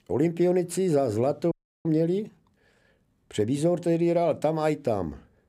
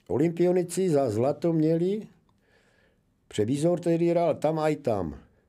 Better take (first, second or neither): second